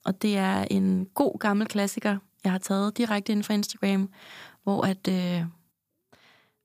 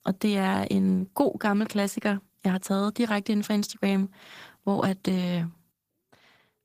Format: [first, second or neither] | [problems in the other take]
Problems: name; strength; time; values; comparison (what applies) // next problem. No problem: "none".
first | garbled, watery; slightly; nothing above 15 kHz